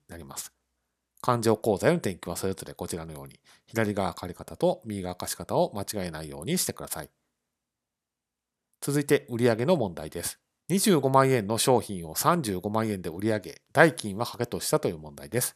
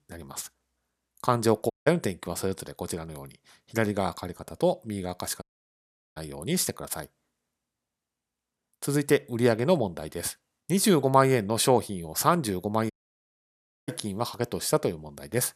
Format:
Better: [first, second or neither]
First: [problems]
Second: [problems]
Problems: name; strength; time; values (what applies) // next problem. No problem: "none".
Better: first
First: none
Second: audio cutting out; at 1.5 s, at 5.5 s for 0.5 s and at 13 s for 1 s